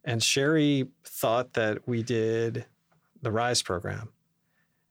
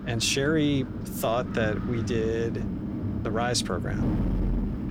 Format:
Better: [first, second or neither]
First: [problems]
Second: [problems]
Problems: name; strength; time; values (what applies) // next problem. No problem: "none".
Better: first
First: none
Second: wind noise on the microphone; heavy; 10 dB below the speech